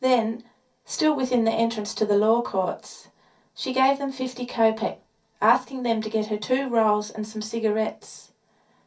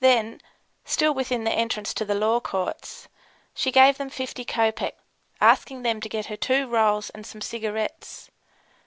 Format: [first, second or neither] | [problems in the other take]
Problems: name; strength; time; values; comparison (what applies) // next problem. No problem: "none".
second | room echo; dies away in 0.3 s